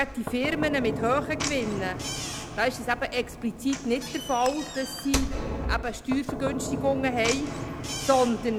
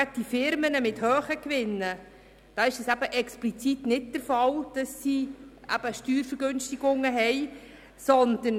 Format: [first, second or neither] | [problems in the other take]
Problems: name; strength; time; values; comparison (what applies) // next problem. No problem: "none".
second | background sound (Knock / Slam); 5 dB below the speech